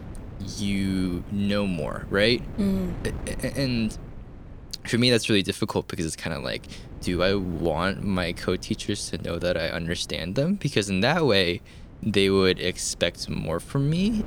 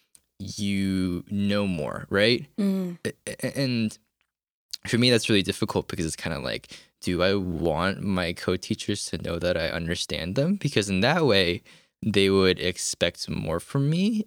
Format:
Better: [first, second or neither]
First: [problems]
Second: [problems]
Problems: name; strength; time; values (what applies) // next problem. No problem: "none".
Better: second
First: wind noise on the microphone; occasional gusts; 20 dB below the speech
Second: none